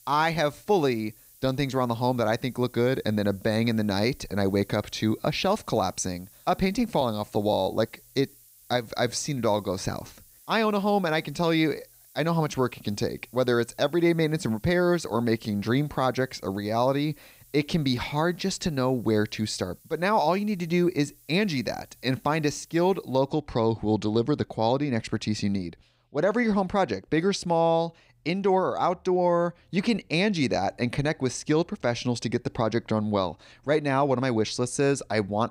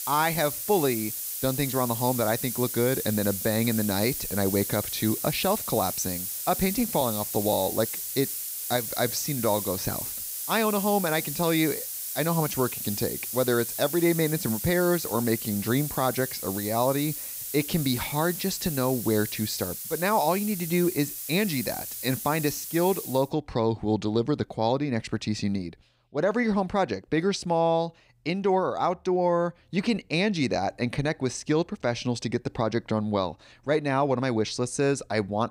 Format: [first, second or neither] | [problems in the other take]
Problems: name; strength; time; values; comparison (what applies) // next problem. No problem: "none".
first | hiss; loud; until 23 s; 4 dB below the speech; faint in the first